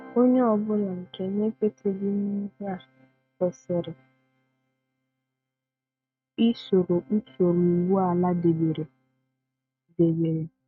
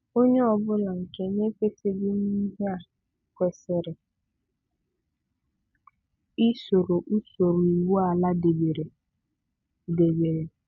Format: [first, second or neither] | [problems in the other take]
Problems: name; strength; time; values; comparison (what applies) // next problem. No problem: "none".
second | noise reduction (neural mask model RNNoise)